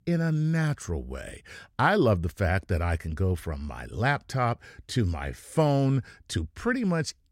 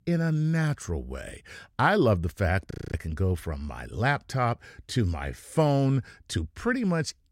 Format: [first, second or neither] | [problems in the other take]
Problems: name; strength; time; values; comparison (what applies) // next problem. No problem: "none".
first | audio freezing; at 2.5 s